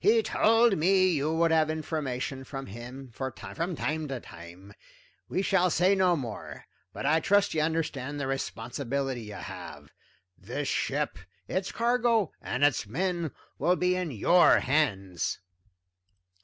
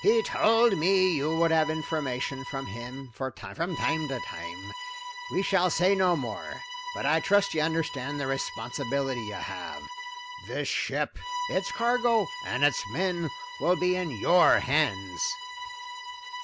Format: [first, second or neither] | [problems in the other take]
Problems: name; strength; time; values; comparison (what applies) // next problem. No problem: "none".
first | background sound (Bowed string instrument); 10 dB below the speech